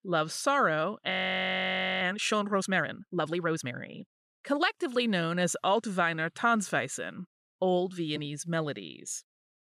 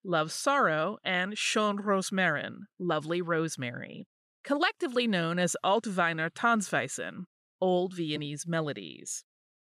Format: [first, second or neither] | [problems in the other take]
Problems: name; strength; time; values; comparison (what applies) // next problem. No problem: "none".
second | audio freezing; at 1 s for 1 s